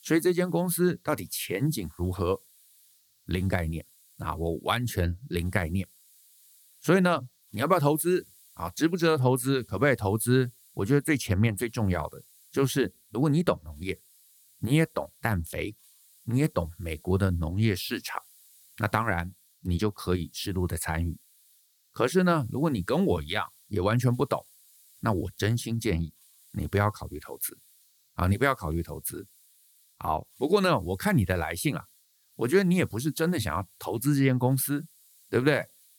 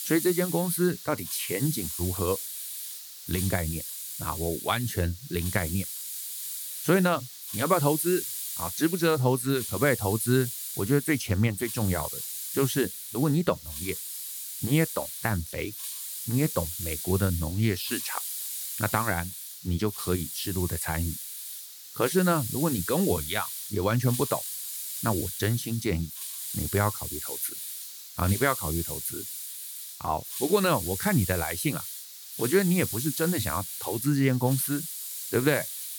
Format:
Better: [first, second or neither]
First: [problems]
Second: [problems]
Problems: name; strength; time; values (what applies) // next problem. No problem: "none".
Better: first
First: hiss; faint; throughout; 30 dB below the speech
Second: hiss; loud; throughout; 6 dB below the speech